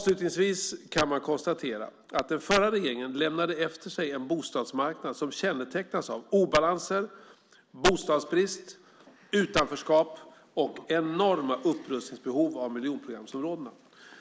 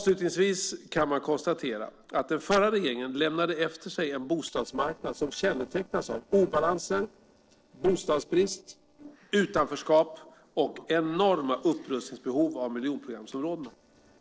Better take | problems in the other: first | noise reduction (neural separator model SepFormer DNS4)

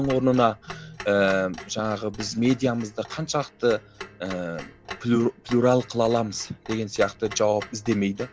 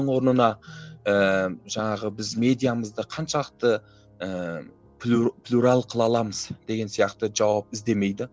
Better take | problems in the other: second | background sound (Clock); 17 dB below the speech

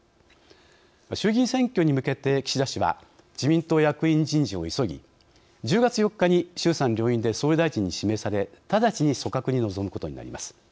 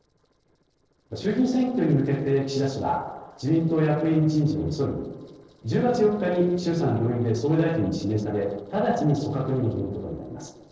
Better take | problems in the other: first | noise reduction (neural separator model SepFormer DNS4)

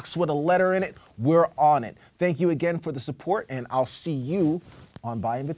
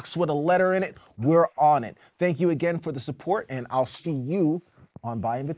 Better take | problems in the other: first | noise reduction (neural mask model Resemble Enhance denoiser)

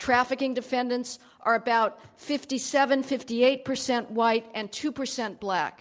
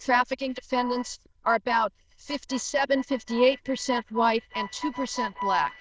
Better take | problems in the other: first | noise reduction (neural diffusion model UNIVERSE++)

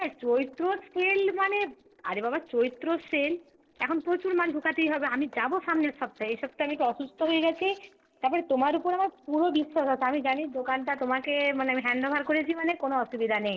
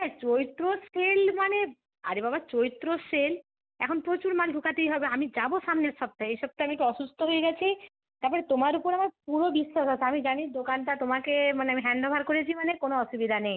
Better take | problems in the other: second | noise reduction (neural separator model SepFormer DNS4)

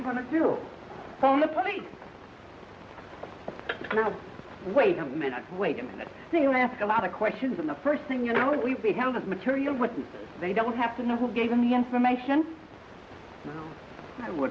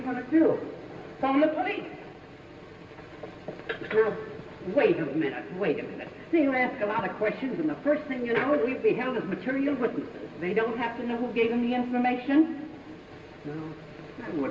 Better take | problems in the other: first | room echo; dies away in 2.7 s

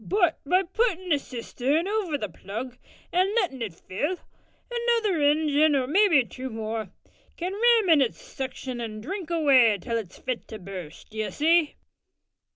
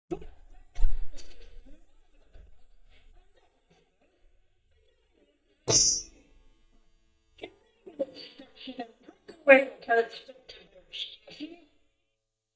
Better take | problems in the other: first | noise reduction (neural mask model DeepFilterNet 3)

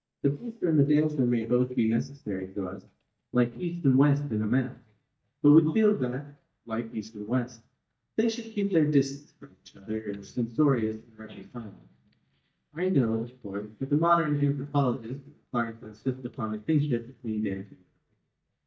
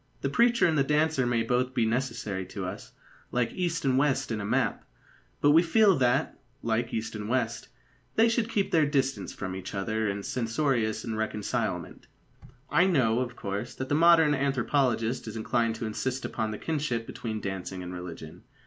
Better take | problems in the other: second | noise reduction (neural mask model DeepFilterNet 3)

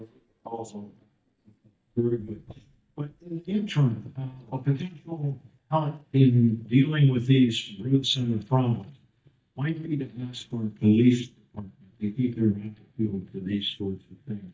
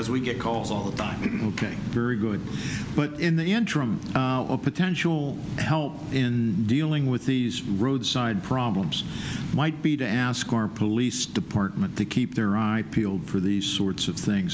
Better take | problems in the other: second | noise reduction (neural mask model DeepFilterNet 3)

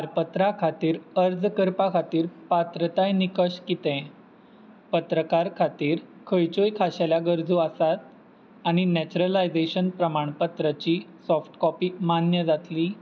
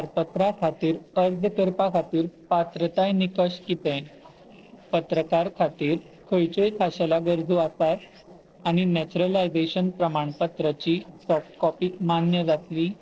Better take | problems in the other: first | noise reduction (neural separator model SepFormer DNS4)

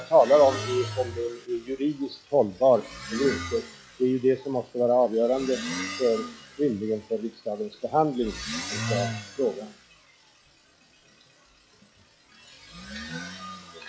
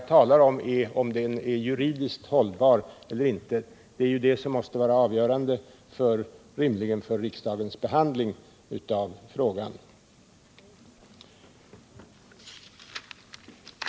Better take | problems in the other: second | noise reduction (classical method log-MMSE)

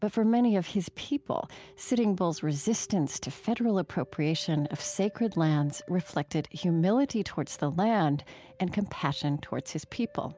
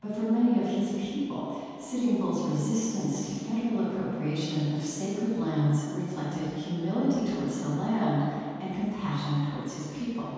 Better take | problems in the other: first | room echo; dies away in 2.1 s

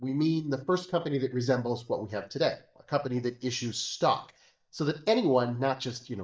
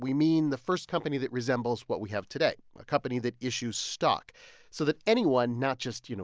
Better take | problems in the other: second | noise reduction (neural mask model DeepFilterNet 3)

